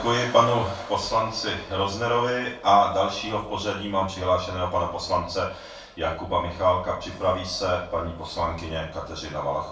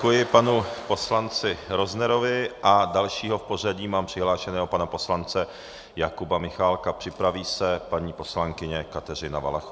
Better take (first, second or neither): second